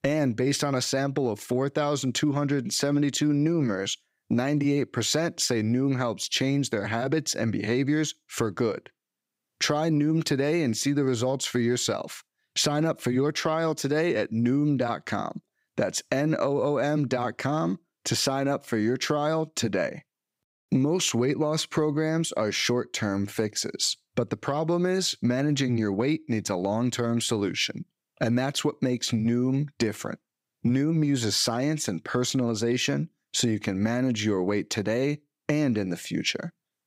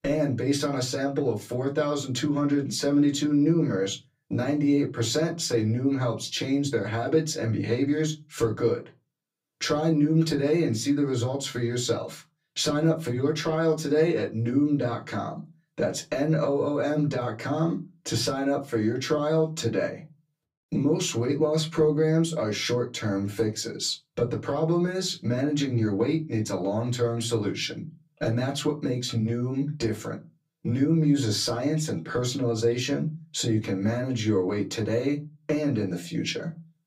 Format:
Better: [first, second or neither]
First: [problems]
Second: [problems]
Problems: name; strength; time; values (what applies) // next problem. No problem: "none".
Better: first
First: none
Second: off-mic speech; far // room echo; very slight; dies away in 0.2 s